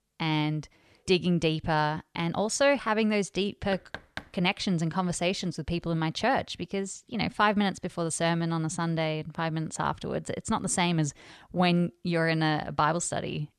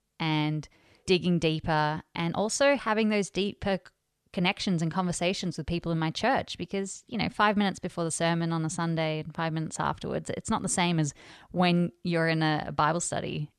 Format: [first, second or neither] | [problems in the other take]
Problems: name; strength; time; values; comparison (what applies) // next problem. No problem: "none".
second | door banging; faint; at 3.5 s; peak 15 dB below the speech